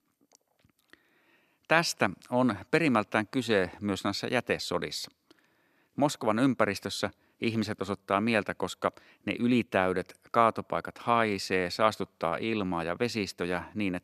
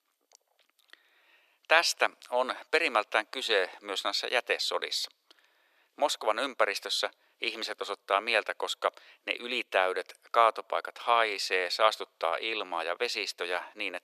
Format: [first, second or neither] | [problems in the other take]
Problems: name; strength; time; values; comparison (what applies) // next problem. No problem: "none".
first | thin; very; fading below 450 Hz